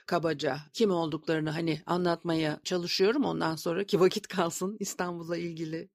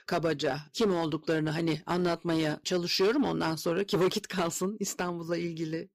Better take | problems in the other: first | distortion; slight; 5% of the sound clipped

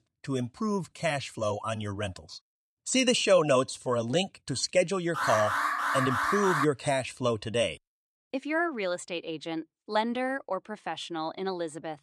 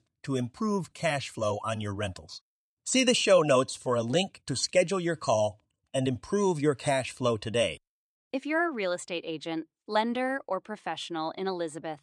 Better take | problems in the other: second | alarm; loud; from 5 to 6.5 s; peak 2 dB above the speech

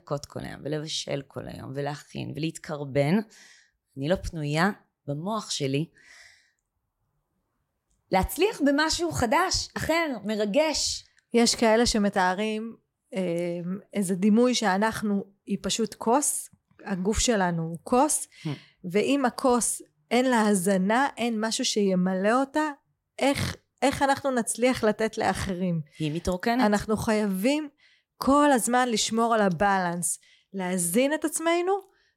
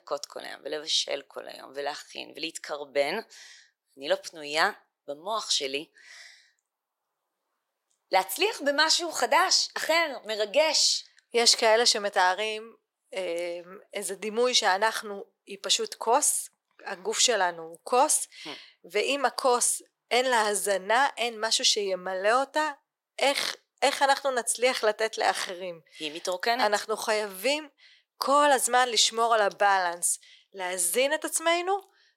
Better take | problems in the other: first | thin; very; fading below 450 Hz

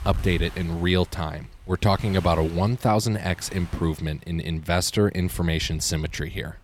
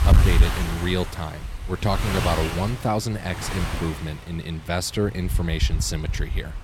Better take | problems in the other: first | wind noise on the microphone; heavy; 3 dB below the speech; occasional gusts in the first

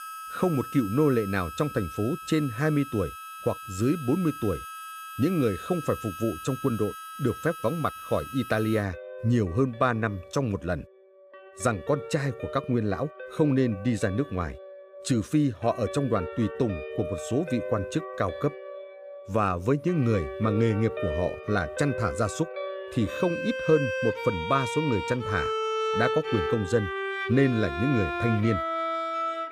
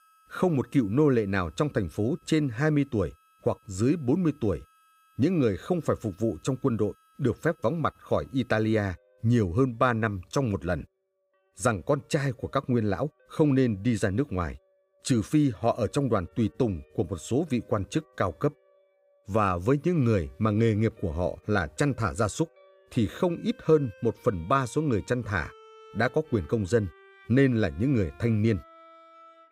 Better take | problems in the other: second | background music; loud; throughout; 7 dB below the speech; faint in the second

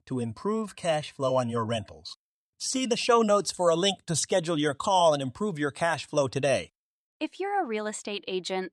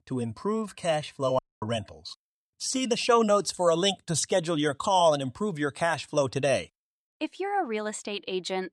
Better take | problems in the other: first | audio cutting out; at 1.5 s

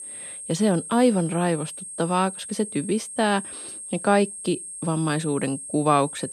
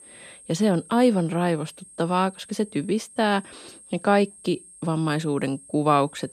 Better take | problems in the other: second | high-pitched whine; loud; throughout; 8.5 kHz, 10 dB below the speech; faint in the second

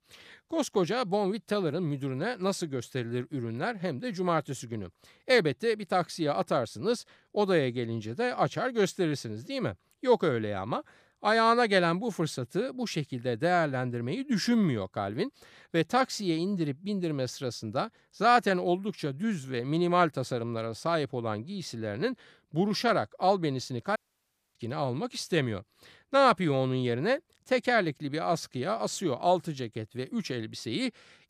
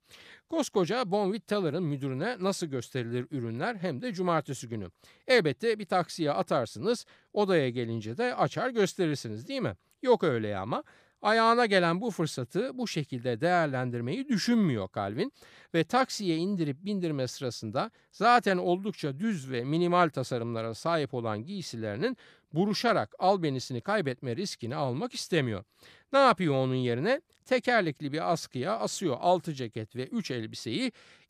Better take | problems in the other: second | audio cutting out; at 24 s for 0.5 s

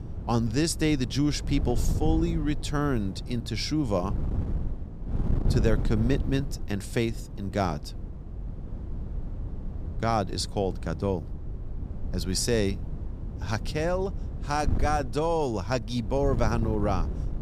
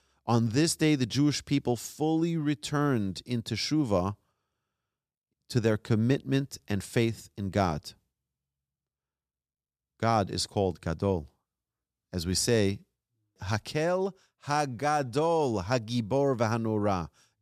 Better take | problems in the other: second | wind noise on the microphone; occasional gusts; 15 dB below the speech

